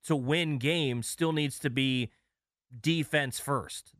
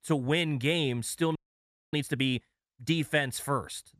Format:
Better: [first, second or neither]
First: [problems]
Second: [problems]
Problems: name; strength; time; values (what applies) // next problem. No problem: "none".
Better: first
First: none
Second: audio freezing; at 1.5 s for 0.5 s